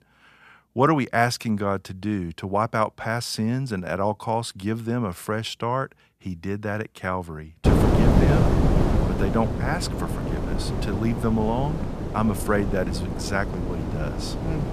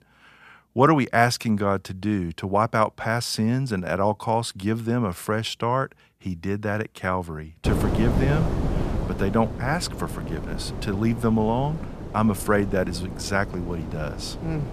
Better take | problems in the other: second | wind noise on the microphone; heavy; from 7.5 s on; 3 dB below the speech; occasional gusts in the second

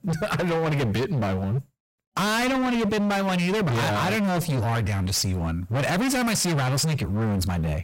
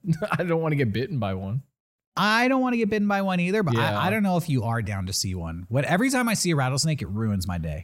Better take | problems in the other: second | distortion; heavy; 43% of the sound clipped

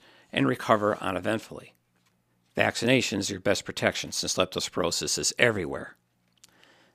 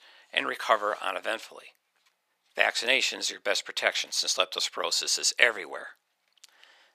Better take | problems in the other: first | thin; very; fading below 700 Hz

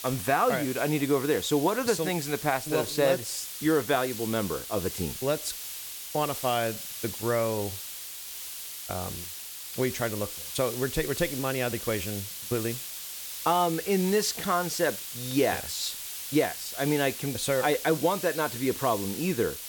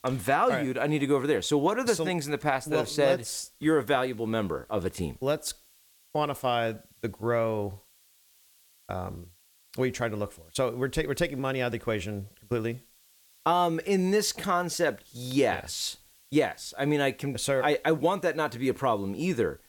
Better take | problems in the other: second | hiss; loud; throughout; 7 dB below the speech; faint in the second

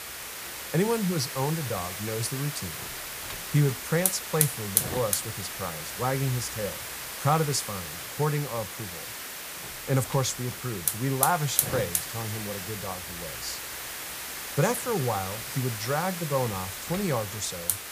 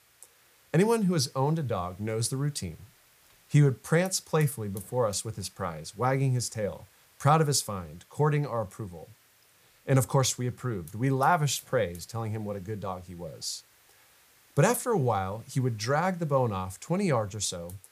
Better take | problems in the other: second | hiss; loud; throughout; 2 dB below the speech; faint in the second

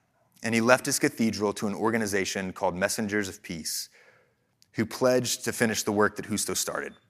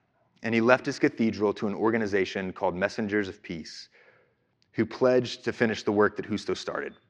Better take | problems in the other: first | muffled; slightly; fading above 4.5 kHz

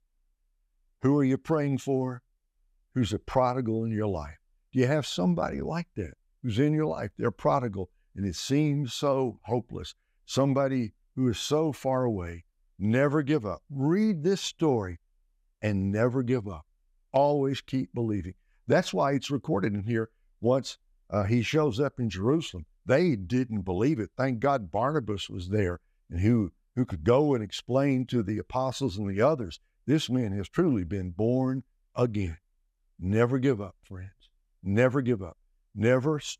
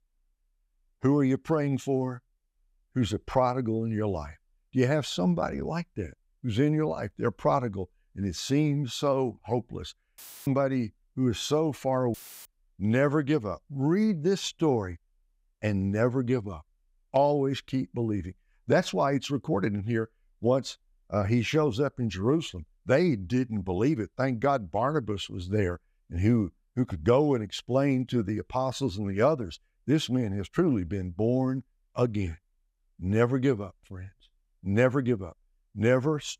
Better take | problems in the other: first | audio cutting out; filled with static; at 10 s and at 12 s

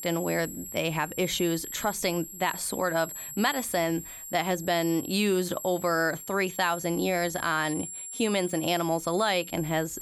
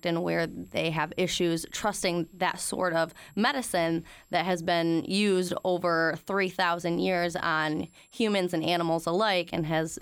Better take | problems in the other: second | high-pitched whine; loud; throughout; 7.5 kHz, 10 dB below the speech; faint in the second

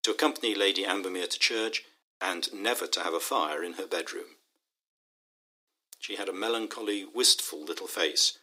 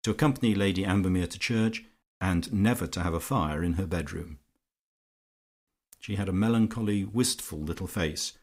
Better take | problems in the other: second | thin; very; fading below 300 Hz

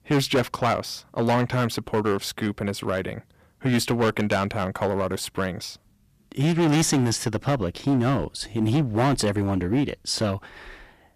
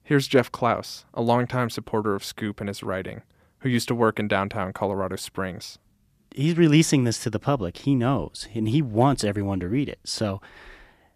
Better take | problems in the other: second | distortion; heavy; 9% of the sound clipped

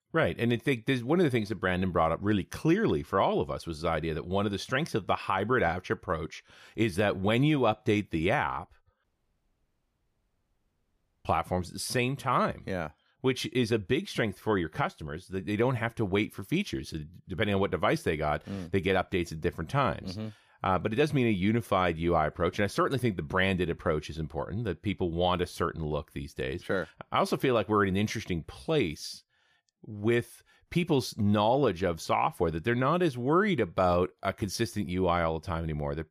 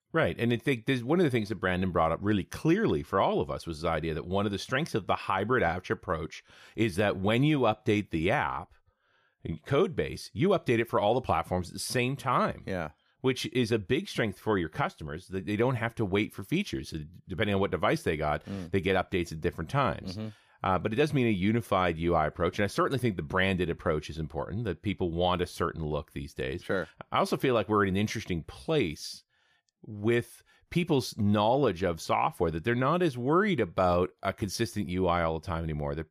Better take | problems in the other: second | audio cutting out; at 9 s for 2 s

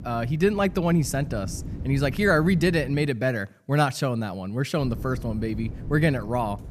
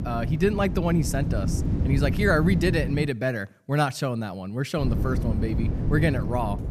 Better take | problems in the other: first | wind noise on the microphone; heavy; until 3 s and from 5 s on; 10 dB below the speech; occasional gusts in the first

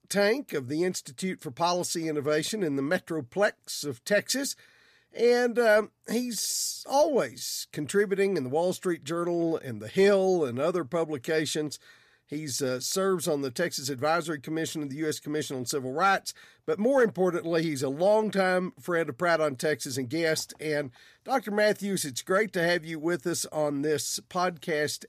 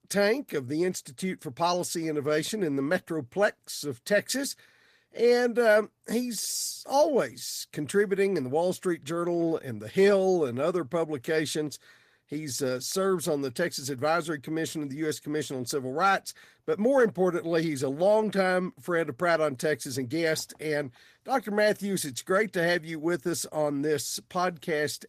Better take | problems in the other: first | garbled, watery; slightly; nothing above 14.5 kHz

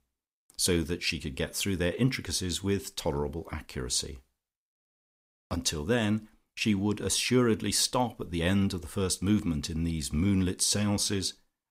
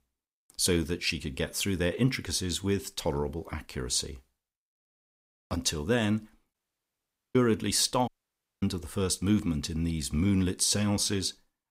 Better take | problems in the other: first | audio cutting out; at 6.5 s for 1 s and at 8 s for 0.5 s

